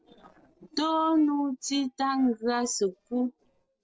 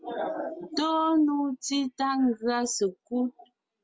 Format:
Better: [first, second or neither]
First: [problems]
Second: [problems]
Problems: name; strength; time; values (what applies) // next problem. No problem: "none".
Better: second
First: noise reduction (neural separator model SepFormer DNS4)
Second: none